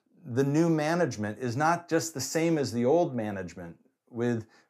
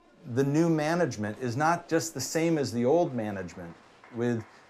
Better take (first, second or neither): first